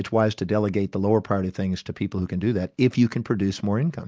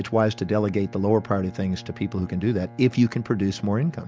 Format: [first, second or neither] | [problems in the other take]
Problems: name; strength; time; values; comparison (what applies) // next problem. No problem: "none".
first | background sound (Bowed string instrument); 20 dB below the speech